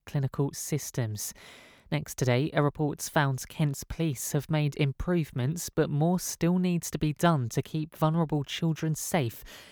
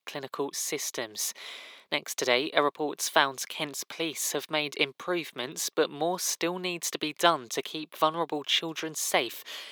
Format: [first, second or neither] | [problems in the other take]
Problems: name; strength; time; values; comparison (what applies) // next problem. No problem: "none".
first | thin; very; fading below 350 Hz